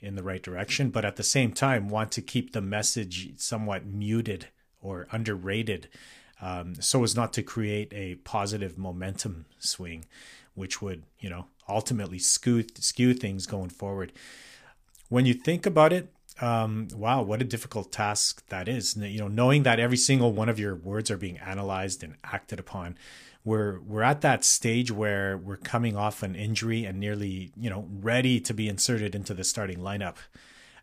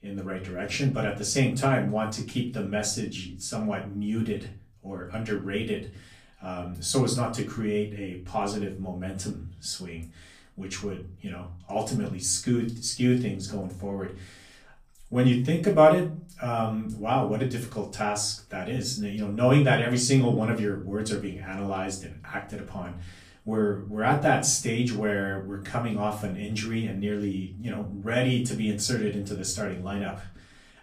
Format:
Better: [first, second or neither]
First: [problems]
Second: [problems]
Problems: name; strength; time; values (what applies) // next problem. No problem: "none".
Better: first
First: none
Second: off-mic speech; far // room echo; slight; dies away in 0.4 s